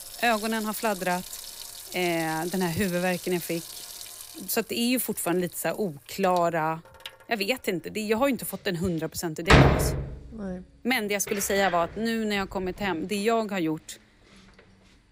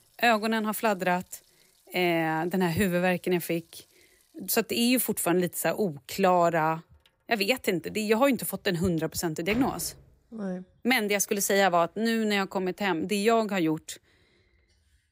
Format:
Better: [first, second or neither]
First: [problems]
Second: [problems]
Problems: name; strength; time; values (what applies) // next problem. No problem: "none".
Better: second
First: household noises; loud; throughout; 1 dB below the speech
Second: household noises; faint; throughout; 25 dB below the speech